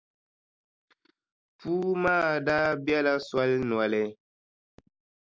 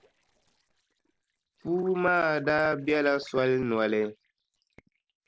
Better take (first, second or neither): first